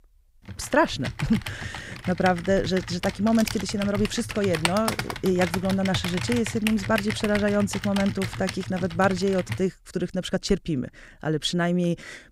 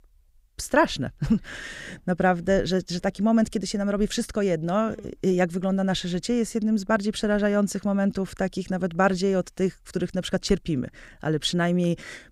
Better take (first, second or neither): second